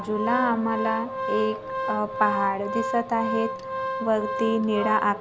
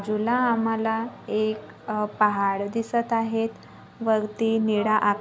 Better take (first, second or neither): second